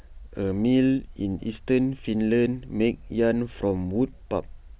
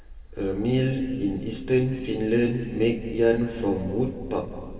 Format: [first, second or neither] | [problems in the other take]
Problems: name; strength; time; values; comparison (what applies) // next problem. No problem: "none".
first | room echo; dies away in 2.6 s